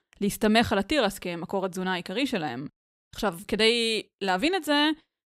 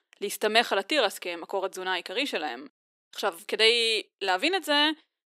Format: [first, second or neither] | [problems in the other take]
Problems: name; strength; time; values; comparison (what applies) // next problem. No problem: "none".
first | thin; somewhat; fading below 350 Hz